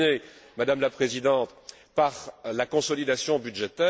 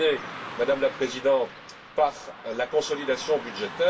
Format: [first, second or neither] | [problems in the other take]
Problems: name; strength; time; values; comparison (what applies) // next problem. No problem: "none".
first | background sound (Car passing by / Traffic noise, roadway noise); 14 dB below the speech // room echo; dies away in 0.1 s